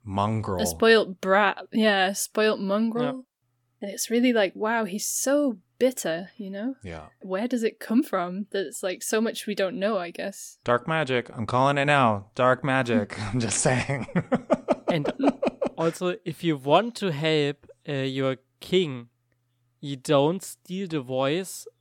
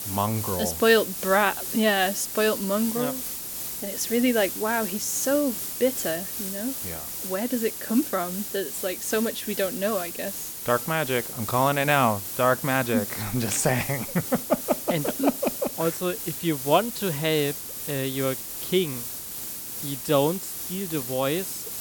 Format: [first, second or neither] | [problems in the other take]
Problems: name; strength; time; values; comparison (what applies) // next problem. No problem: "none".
first | hiss; loud; throughout; 5 dB below the speech